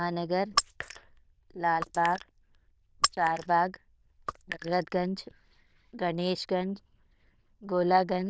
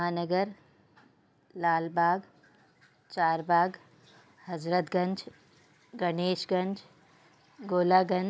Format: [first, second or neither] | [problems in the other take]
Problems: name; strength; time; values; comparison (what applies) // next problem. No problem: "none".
second | noise reduction (neural diffusion model UNIVERSE++)